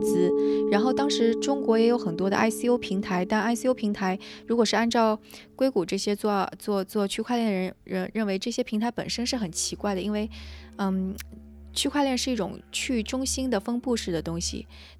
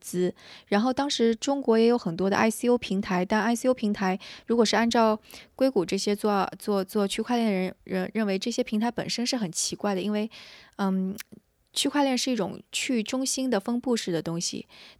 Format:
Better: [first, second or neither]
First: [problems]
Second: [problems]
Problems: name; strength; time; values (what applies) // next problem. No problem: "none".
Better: second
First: background music; loud; throughout; 4 dB below the speech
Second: none